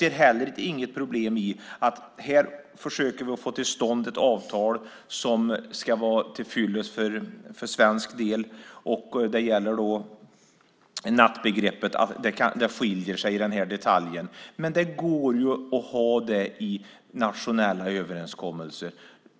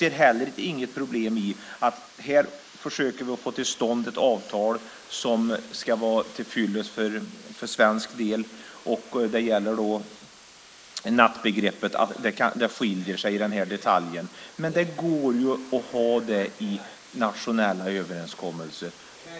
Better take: first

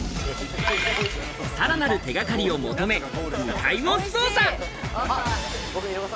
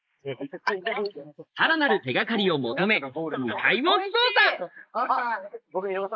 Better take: first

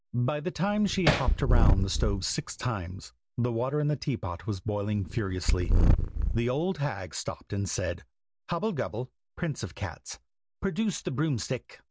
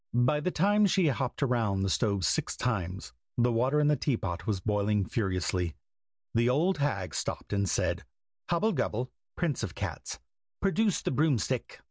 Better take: second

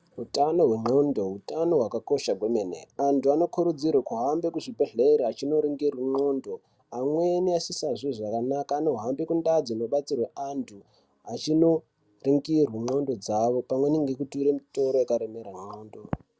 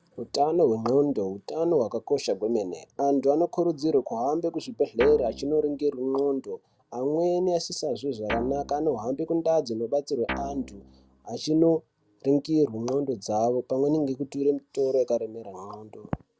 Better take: first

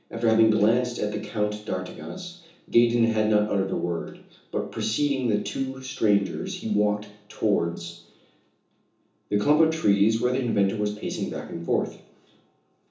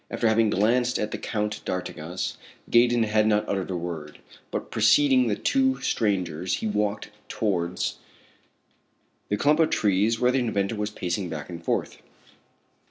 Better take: second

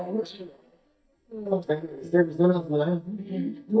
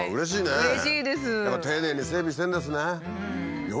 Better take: second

